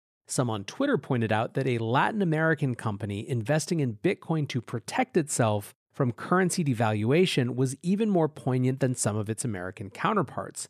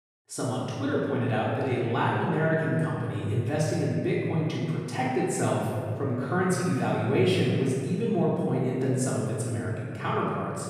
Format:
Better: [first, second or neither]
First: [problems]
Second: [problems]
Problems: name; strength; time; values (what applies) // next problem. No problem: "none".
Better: first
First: none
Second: off-mic speech; far // room echo; strong; dies away in 2.4 s